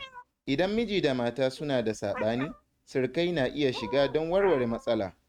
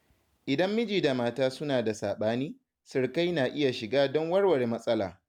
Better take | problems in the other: second | noise reduction (neural mask model RNNoise)

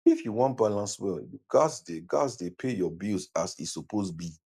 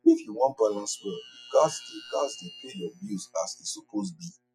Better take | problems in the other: first | noise reduction (classical method Wiener filter)

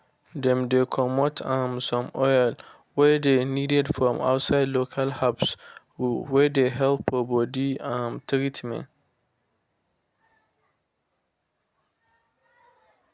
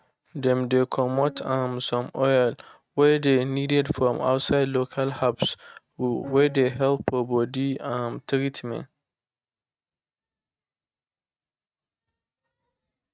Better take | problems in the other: first | noise reduction (neural mask model RNNoise)

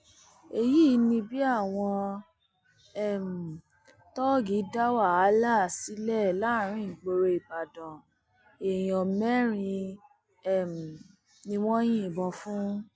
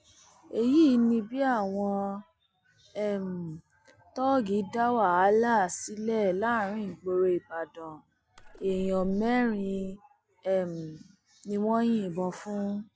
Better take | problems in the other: first | background sound (Splash, splatter); 13 dB below the speech

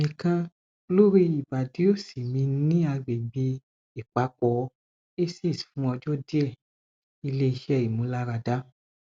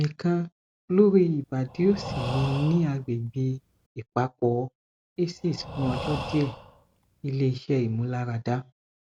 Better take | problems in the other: first | background sound (Breathing); 11 dB below the speech

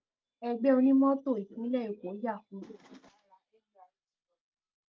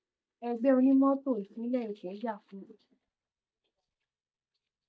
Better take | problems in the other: first | noise reduction (neural mask model DeepFilterNet 3)

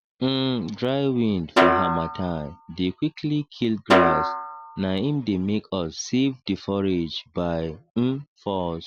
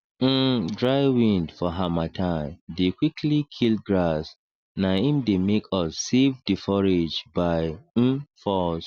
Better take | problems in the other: second | background sound (Snare drum); 1 dB above the speech

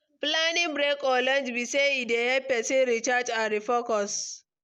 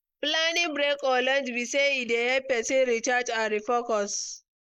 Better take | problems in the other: first | noise reduction (neural mask model Resemble Enhance denoiser)

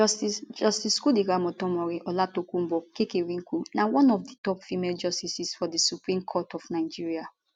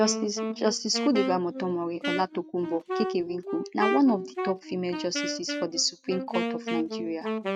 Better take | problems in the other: first | noise reduction (neural mask model RNNoise)

